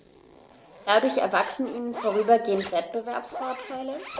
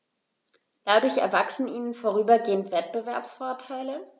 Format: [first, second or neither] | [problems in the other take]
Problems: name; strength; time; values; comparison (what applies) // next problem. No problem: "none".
second | background sound (Zipper (clothing)); 15 dB below the speech